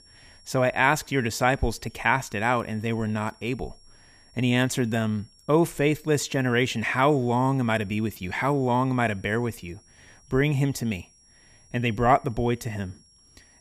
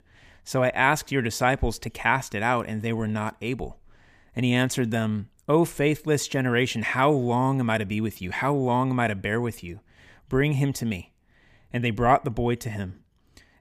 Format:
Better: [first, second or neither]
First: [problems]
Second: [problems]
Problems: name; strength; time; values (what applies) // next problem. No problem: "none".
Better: second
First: high-pitched whine; faint; throughout; 5.5 kHz, 30 dB below the speech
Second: none